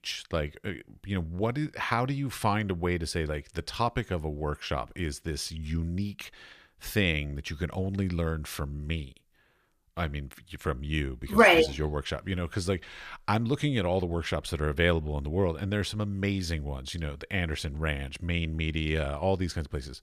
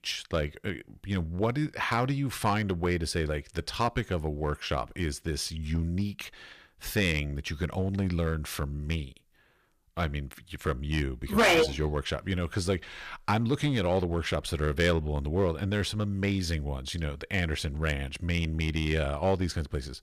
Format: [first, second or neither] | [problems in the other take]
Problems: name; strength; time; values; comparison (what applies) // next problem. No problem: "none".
first | distortion; slight; 3% of the sound clipped